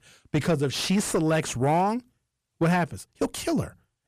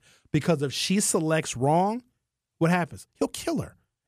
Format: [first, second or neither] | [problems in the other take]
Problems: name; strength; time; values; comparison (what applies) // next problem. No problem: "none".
second | distortion; slight; 9 dB below the speech